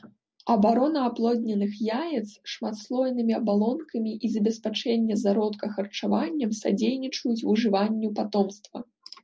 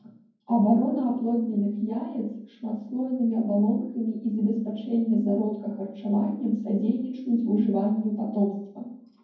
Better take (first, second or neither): first